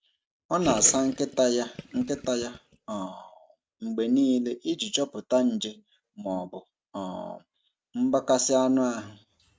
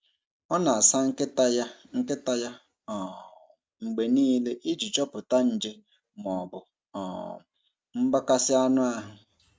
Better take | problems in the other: second | background sound (Gurgling); 13 dB below the speech

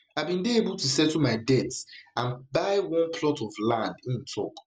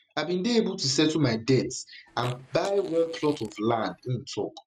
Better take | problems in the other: first | noise reduction (neural mask model RNNoise)

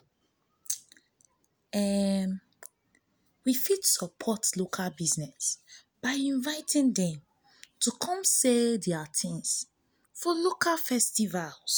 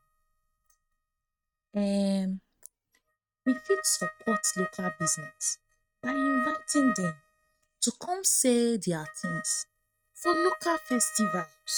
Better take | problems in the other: first | noise reduction (neural mask model RNNoise)

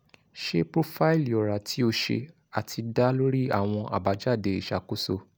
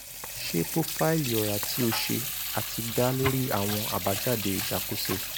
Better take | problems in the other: first | background sound (Sink (filling or washing) / Water tap, faucet); 3 dB below the speech

